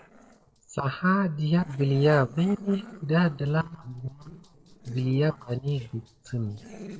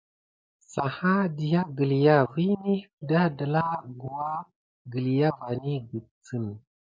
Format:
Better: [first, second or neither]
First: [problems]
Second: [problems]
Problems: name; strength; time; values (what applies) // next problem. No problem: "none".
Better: second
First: noise reduction (neural separator model SepFormer DNS4)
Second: none